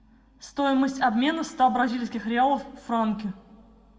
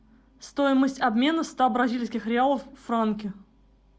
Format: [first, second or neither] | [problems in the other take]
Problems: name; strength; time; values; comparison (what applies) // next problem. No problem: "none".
second | room echo; dies away in 1 s